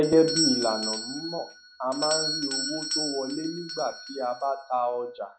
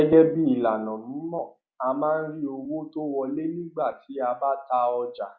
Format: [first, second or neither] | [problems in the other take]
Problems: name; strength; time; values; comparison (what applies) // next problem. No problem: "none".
second | background sound (Doorbell); 5 dB below the speech